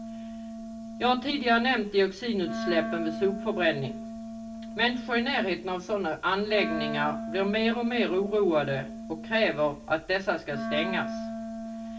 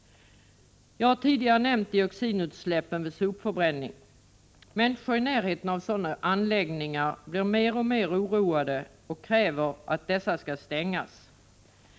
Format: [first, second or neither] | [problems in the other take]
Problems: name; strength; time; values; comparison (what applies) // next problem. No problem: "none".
second | background sound (Wind instrument, woodwind instrument); 8 dB below the speech // room echo; dies away in 0.2 s